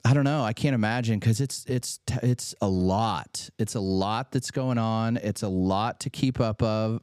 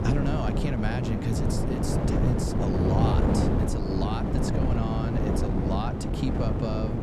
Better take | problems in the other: first | wind noise on the microphone; heavy; 3 dB above the speech

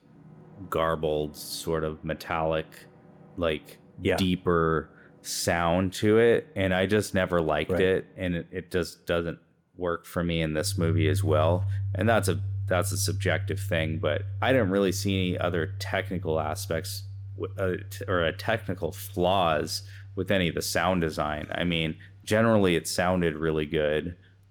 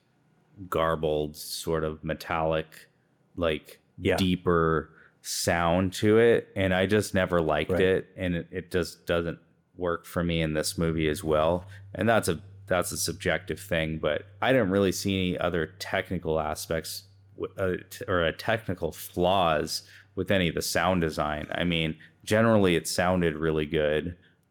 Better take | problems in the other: second | background music; loud; throughout; 7 dB below the speech; faint in the second

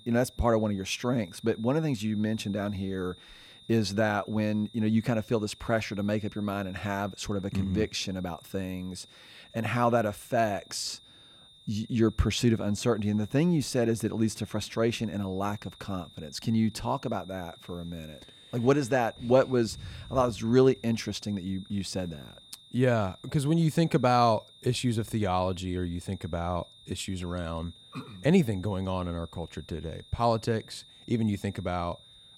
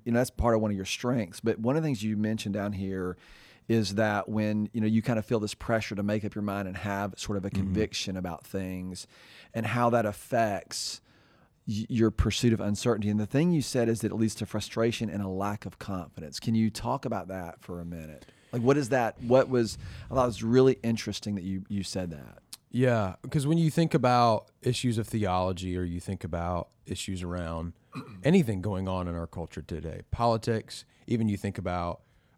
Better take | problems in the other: second | high-pitched whine; faint; throughout; 3.5 kHz, 25 dB below the speech

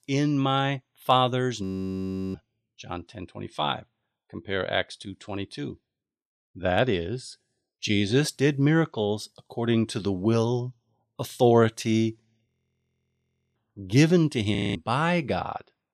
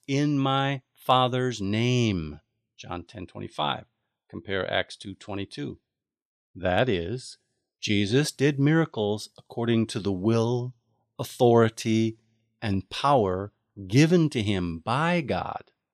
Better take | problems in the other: second | audio freezing; at 1.5 s for 0.5 s, at 12 s for 1 s and at 15 s

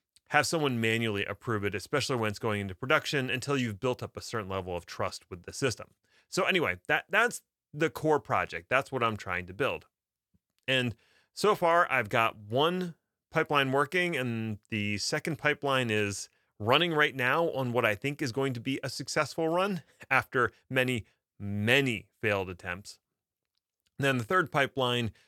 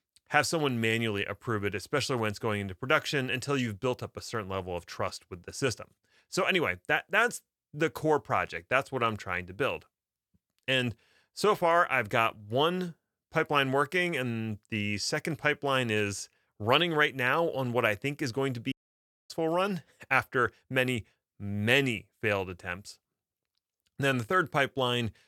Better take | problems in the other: first | audio cutting out; at 19 s for 0.5 s

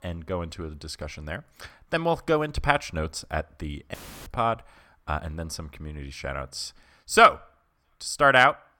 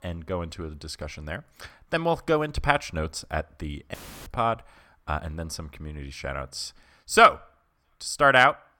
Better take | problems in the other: neither | audio cutting out; filled with static; at 4 s; the same in both

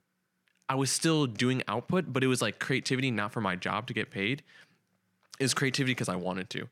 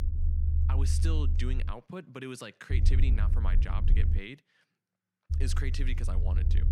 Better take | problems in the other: first | low rumble; loud; until 1.5 s, from 2.5 to 4 s and from 5.5 s on; 5 dB below the speech

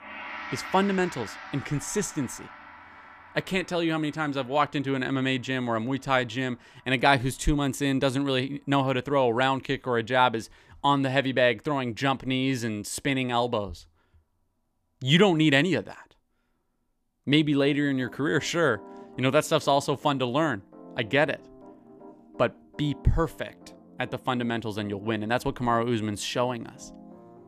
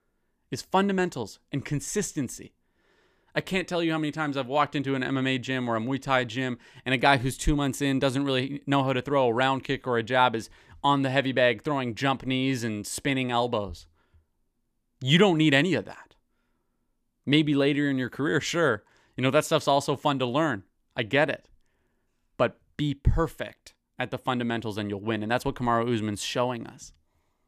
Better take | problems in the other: second | background music; noticeable; throughout; 20 dB below the speech

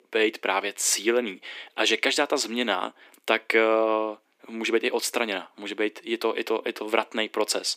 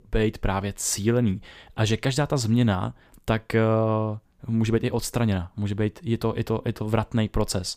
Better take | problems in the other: second | thin; very; fading below 300 Hz

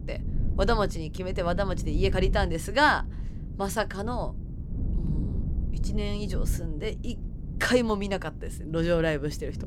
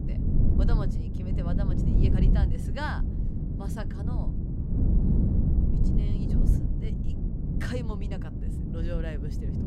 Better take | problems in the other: first | wind noise on the microphone; heavy; 1 dB above the speech; occasional gusts in the first

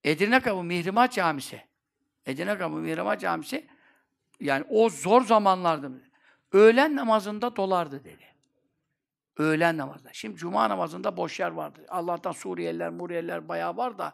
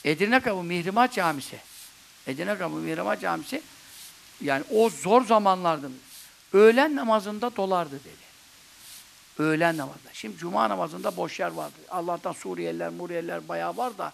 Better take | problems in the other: first | hiss; faint; throughout; 20 dB below the speech

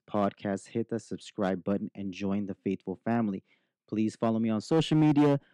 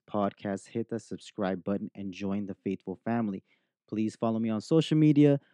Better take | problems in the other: second | distortion; slight; 3% of the sound clipped

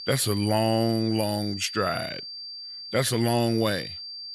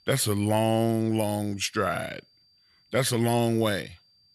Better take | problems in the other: second | high-pitched whine; loud; throughout; 4.5 kHz, 10 dB below the speech; faint in the second

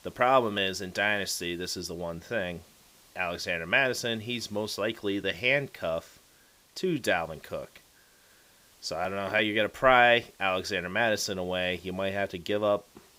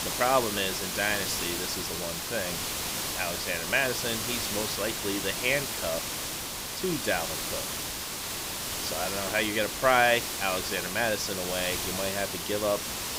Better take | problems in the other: first | hiss; loud; throughout; 2 dB below the speech; faint in the first

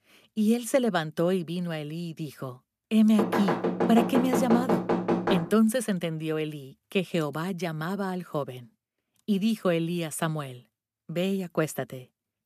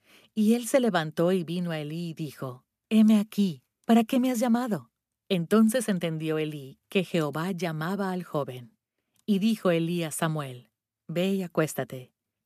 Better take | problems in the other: second | door banging; loud; from 3 to 5.5 s; peak 2 dB above the speech

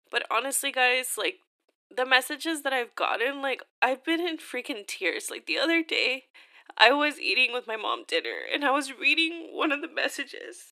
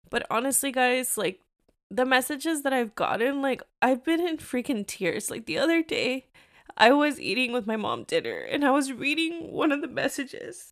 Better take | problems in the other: second | thin; somewhat; fading below 300 Hz

